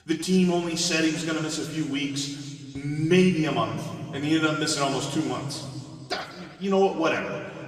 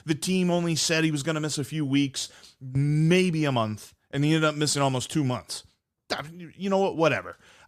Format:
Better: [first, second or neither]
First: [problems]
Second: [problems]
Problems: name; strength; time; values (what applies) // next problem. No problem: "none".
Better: second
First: room echo; noticeable; dies away in 2.1 s // off-mic speech; somewhat distant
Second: none